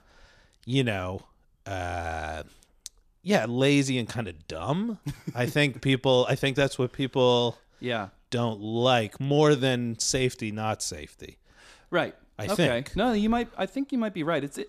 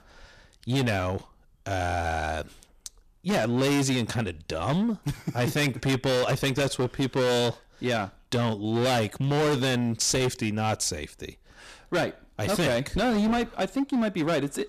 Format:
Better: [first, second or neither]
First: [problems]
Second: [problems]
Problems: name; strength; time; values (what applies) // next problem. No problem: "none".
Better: first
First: none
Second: distortion; heavy; 17% of the sound clipped